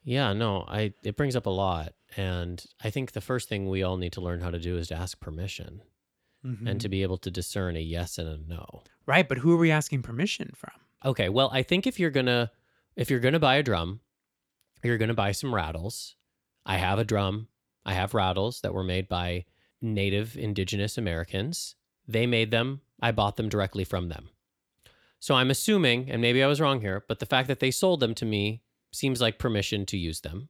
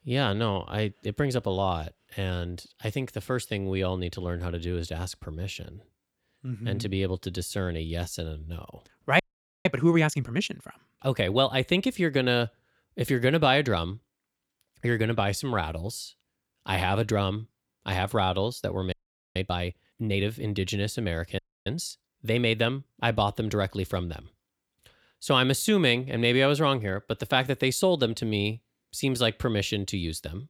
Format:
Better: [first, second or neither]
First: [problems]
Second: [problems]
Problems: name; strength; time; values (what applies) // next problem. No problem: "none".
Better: first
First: none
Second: audio freezing; at 9 s, at 19 s and at 21 s